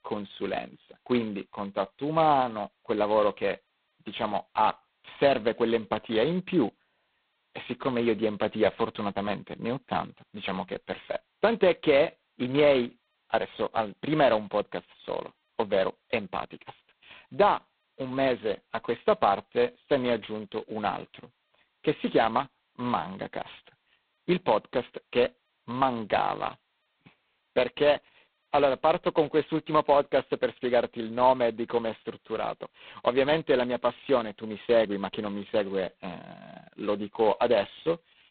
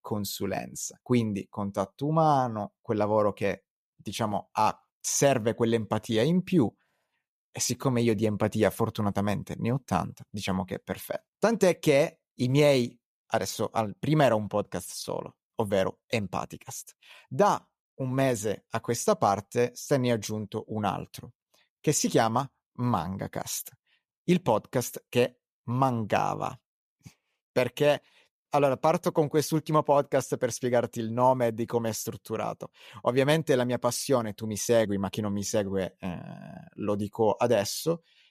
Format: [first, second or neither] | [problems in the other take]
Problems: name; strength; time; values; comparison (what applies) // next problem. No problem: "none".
second | phone-call audio; poor line; nothing above 4 kHz